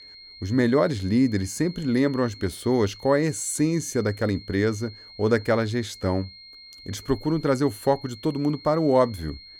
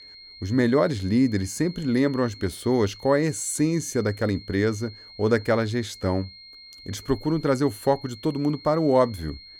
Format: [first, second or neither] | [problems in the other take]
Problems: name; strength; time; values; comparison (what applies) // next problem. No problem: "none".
neither | high-pitched whine; noticeable; throughout; 4 kHz, 20 dB below the speech; the same in both